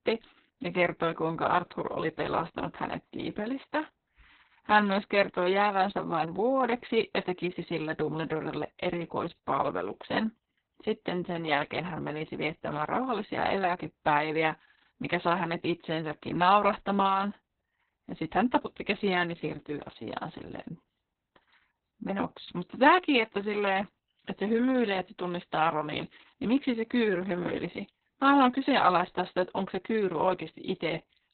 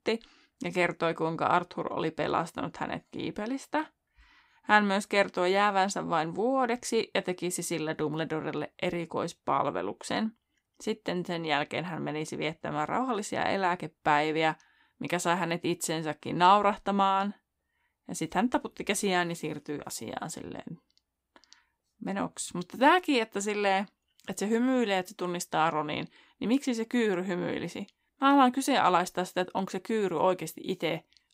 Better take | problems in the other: second | garbled, watery; badly; nothing above 4 kHz

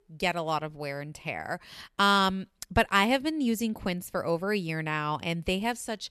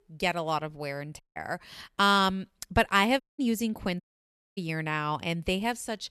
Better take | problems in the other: first | audio cutting out; at 1 s, at 3 s and at 4 s for 0.5 s

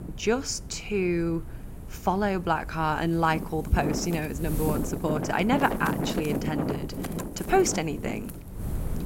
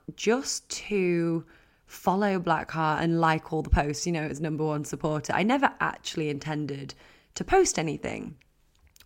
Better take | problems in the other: second | wind noise on the microphone; heavy; 8 dB below the speech

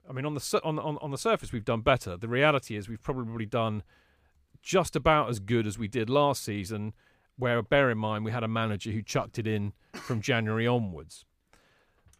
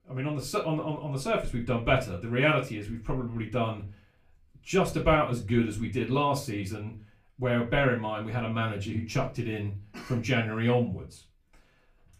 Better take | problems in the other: first | off-mic speech; far // room echo; very slight; dies away in 0.3 s

